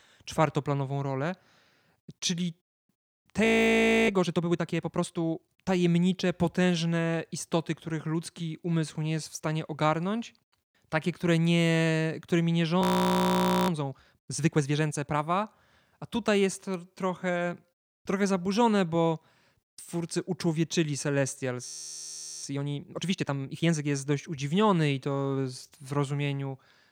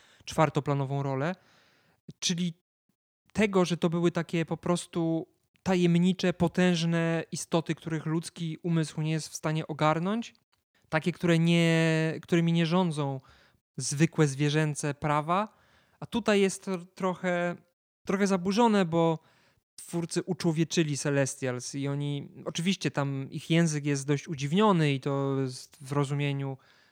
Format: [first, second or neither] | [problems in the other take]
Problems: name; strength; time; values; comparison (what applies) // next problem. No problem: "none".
second | audio freezing; at 3.5 s for 0.5 s, at 13 s for 1 s and at 22 s for 1 s